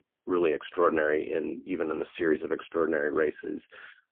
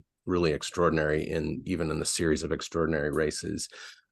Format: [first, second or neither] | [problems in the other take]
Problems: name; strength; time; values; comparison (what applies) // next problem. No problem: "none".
second | phone-call audio; poor line; nothing above 3.5 kHz